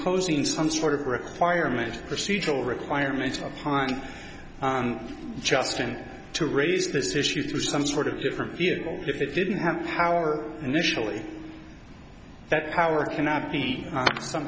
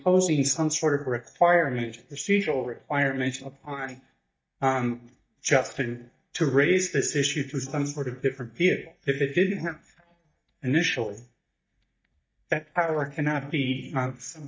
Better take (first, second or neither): first